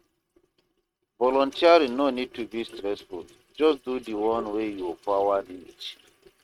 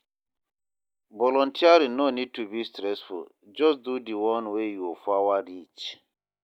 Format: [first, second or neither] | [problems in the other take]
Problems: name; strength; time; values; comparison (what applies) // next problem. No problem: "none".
second | noise reduction (neural mask model RNNoise)